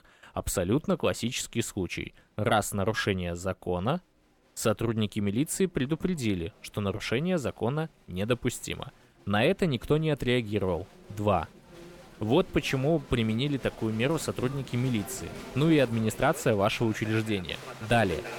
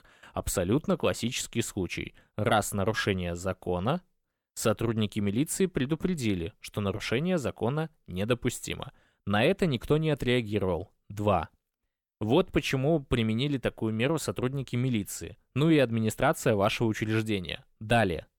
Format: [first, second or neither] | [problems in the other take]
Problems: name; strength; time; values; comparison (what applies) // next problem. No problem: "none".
second | crowd noise; noticeable; throughout; 15 dB below the speech